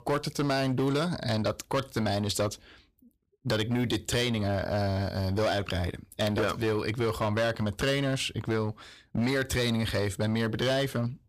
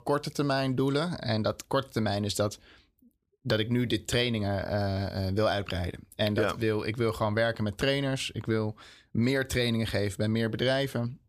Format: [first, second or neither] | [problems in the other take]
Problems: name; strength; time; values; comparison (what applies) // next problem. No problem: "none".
second | distortion; slight; 12% of the sound clipped